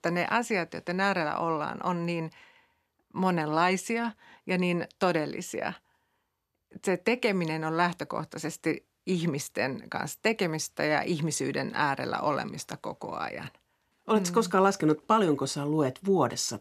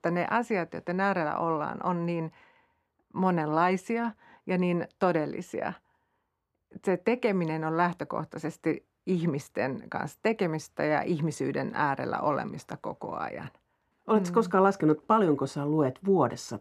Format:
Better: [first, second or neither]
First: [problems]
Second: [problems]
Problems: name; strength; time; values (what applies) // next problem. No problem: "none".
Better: first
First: none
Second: muffled; slightly; fading above 2.5 kHz